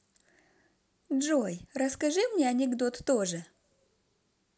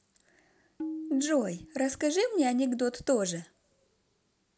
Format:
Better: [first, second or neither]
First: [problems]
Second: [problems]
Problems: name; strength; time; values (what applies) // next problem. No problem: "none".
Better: first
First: none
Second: background sound (Tabla); 13 dB below the speech